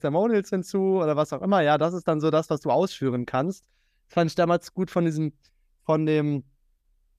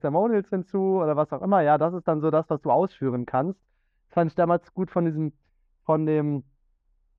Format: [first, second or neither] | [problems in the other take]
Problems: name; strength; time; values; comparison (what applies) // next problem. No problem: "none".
first | muffled; very; fading above 1.5 kHz